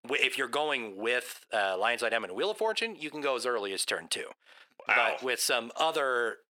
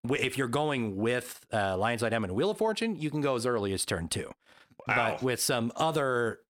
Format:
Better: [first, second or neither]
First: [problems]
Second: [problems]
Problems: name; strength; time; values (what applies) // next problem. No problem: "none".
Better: second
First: thin; somewhat; fading below 500 Hz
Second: none